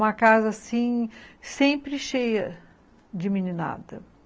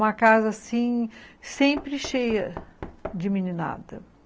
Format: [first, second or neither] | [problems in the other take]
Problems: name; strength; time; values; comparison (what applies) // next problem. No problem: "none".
first | background sound (Knock); 17 dB below the speech